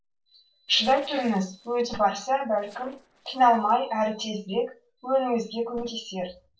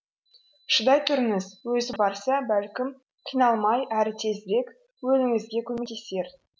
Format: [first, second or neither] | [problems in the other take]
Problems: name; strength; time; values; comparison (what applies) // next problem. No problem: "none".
second | noise reduction (neural separator model SepFormer DNS4)